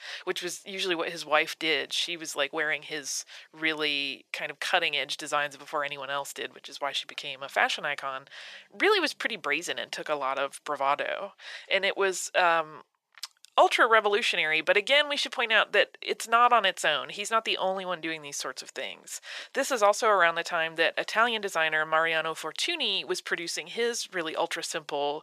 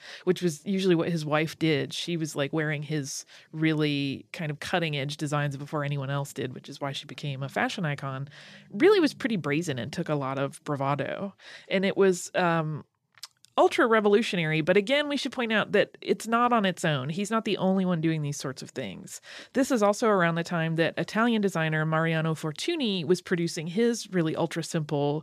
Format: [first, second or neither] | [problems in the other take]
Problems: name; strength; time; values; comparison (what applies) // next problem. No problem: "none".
second | thin; very; fading below 700 Hz